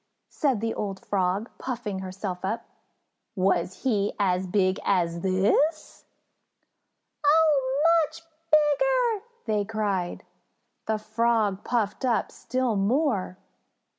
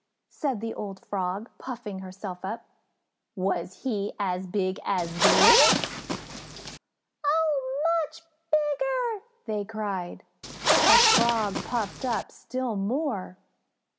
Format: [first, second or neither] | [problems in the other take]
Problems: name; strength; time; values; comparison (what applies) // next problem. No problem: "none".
first | background sound (Zipper (clothing)); 5 dB above the speech